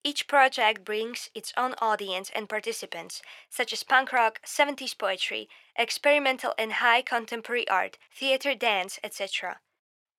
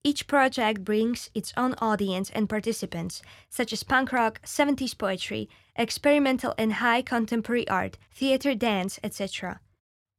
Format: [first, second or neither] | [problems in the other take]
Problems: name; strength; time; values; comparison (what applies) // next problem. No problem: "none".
second | thin; somewhat; fading below 550 Hz